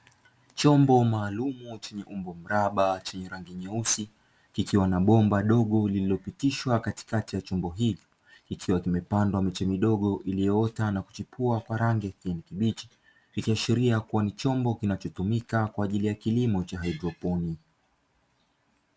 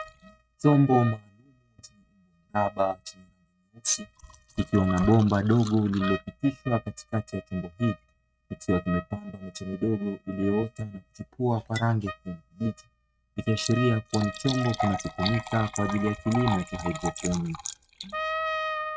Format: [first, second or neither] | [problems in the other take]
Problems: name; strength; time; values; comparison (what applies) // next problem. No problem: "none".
first | noise reduction (neural mask model RNNoise)